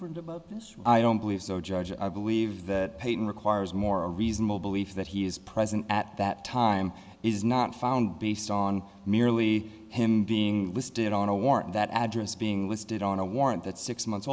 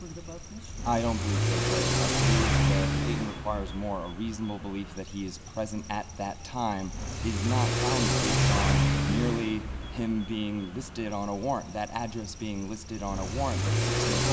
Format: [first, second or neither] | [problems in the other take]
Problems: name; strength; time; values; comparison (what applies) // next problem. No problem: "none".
first | background sound (Accelerating, revving, vroom / Car); 4 dB above the speech